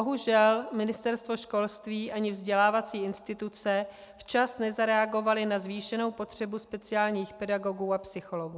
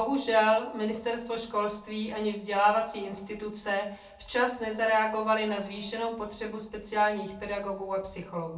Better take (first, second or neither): first